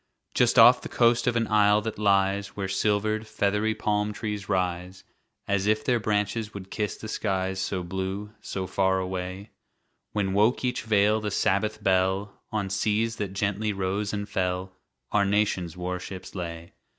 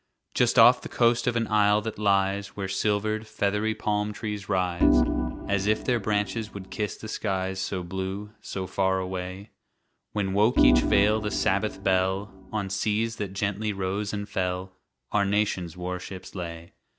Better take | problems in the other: first | background sound (Organ); as loud as the speech

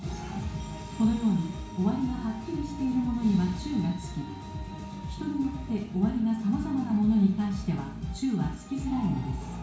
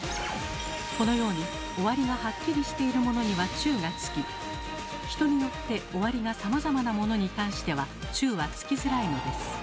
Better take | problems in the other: second | room echo; dies away in 0.6 s

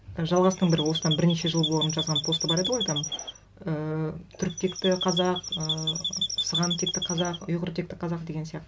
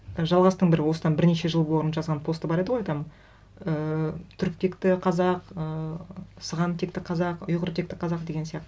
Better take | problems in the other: second | background sound (Chirp, tweet); 4 dB below the speech

